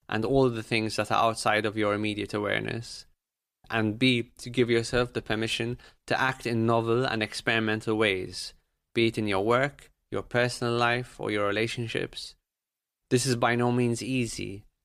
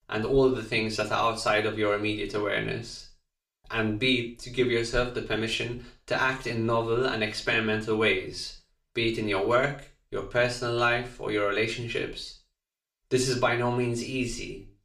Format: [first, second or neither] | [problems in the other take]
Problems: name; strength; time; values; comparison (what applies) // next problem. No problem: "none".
first | room echo; slight; dies away in 0.4 s // off-mic speech; somewhat distant